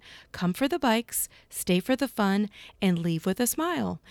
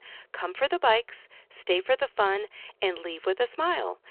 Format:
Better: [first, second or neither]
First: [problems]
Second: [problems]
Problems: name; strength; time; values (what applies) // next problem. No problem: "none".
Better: first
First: none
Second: phone-call audio